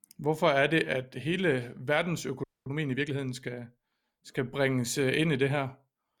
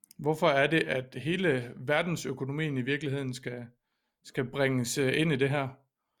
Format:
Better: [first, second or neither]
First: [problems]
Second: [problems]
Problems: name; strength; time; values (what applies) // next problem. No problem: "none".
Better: second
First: audio freezing; at 2.5 s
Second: none